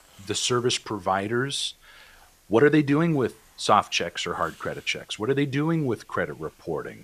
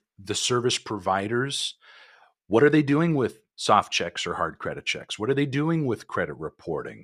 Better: second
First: hiss; faint; throughout; 30 dB below the speech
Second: none

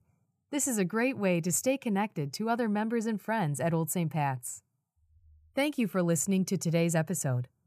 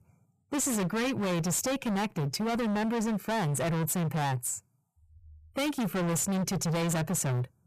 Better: first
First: none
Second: distortion; heavy; 39% of the sound clipped

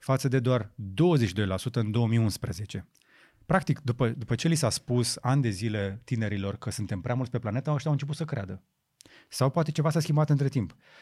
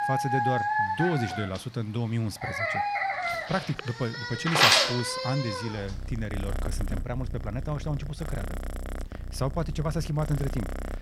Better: first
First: none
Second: animal sounds; very loud; throughout; 3 dB above the speech

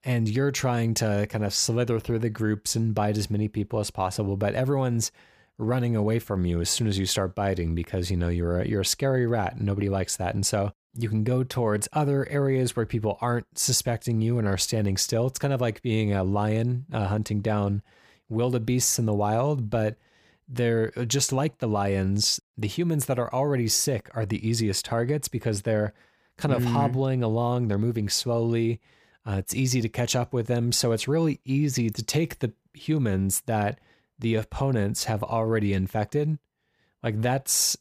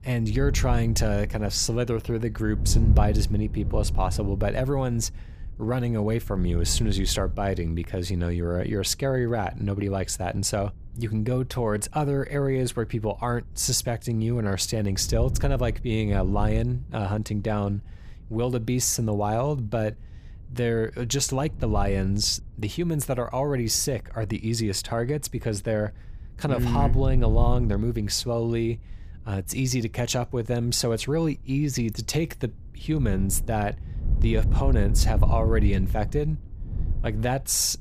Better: first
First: none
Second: wind noise on the microphone; occasional gusts; 15 dB below the speech

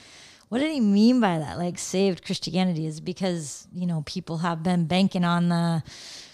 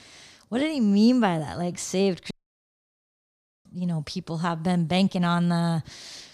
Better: first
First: none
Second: audio cutting out; at 2.5 s for 1.5 s

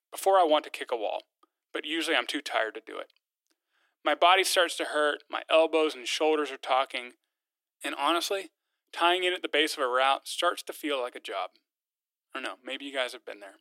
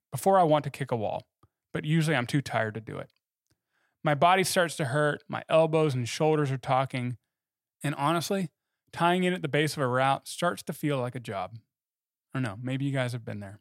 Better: second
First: thin; very; fading below 300 Hz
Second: none

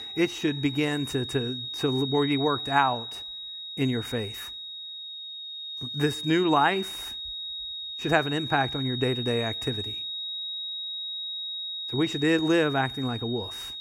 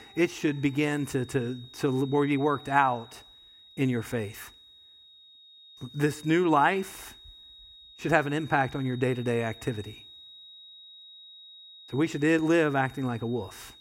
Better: second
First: high-pitched whine; loud; throughout; 4 kHz, 6 dB below the speech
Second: high-pitched whine; faint; throughout; 4 kHz, 20 dB below the speech

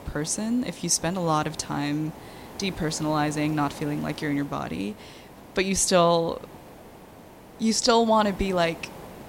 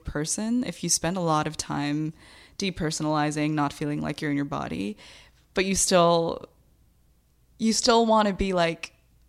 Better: second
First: hiss; noticeable; throughout; 20 dB below the speech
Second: none

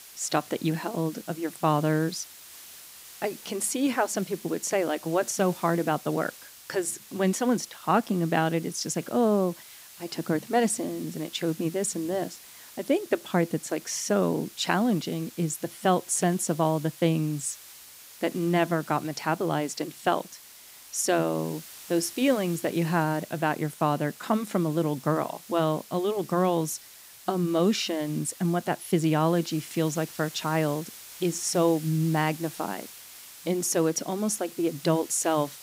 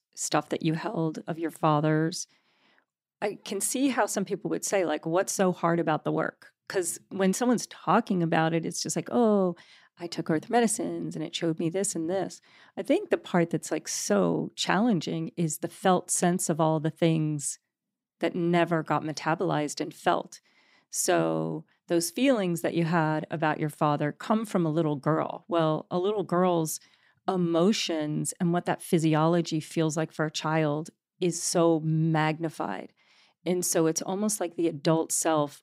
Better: second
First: hiss; noticeable; throughout; 15 dB below the speech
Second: none

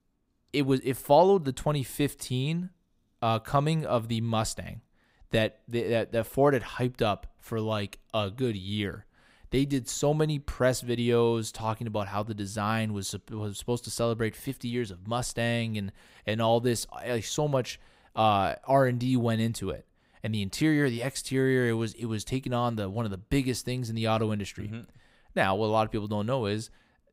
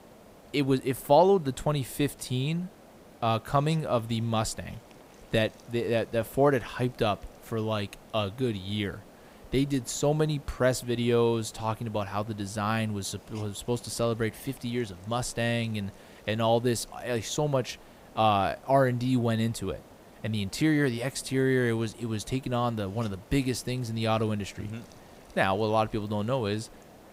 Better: first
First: none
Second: hiss; faint; throughout; 25 dB below the speech

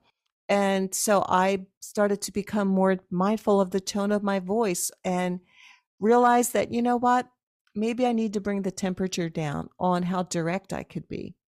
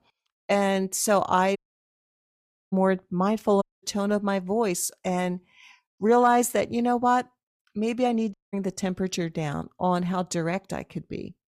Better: first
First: none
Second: audio cutting out; at 1.5 s for 1 s, at 3.5 s and at 8.5 s

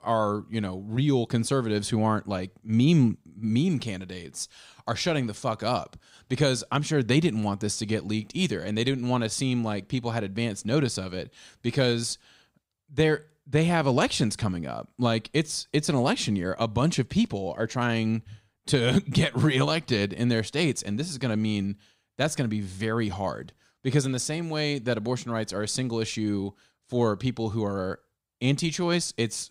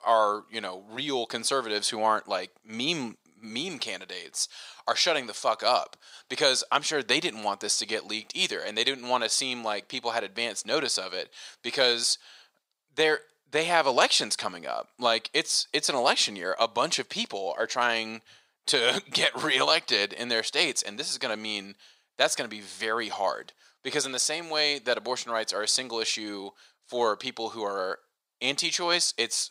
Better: first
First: none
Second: thin; very; fading below 700 Hz

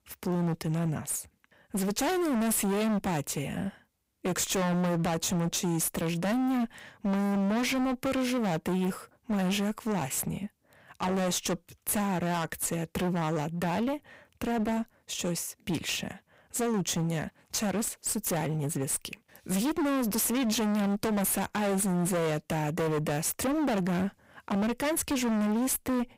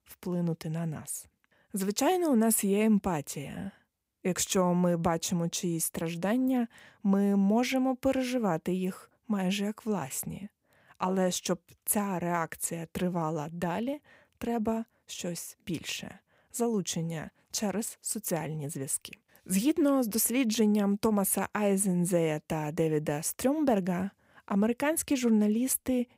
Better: second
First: distortion; heavy; 31% of the sound clipped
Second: none

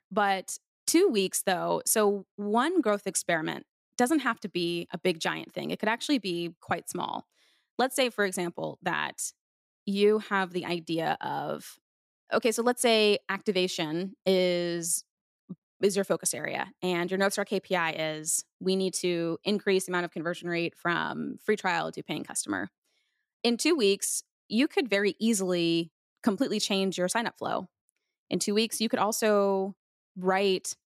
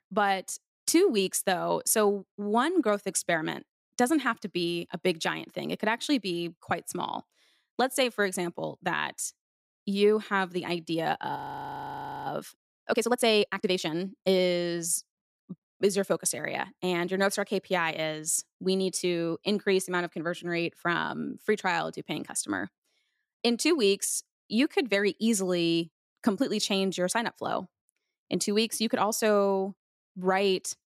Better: first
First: none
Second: audio freezing; at 11 s for 1 s

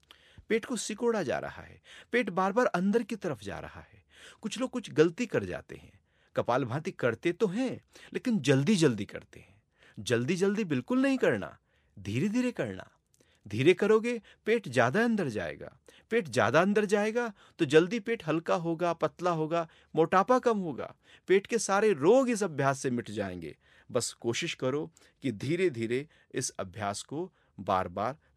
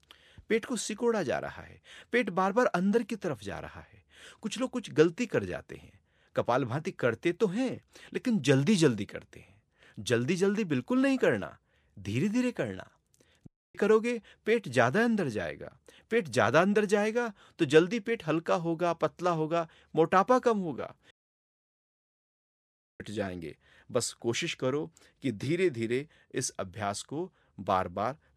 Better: first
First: none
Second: audio cutting out; at 13 s and at 21 s for 2 s

